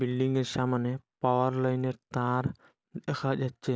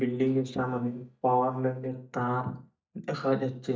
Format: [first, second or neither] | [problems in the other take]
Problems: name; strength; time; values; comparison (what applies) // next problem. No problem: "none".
first | noise reduction (neural mask model DeepFilterNet 3)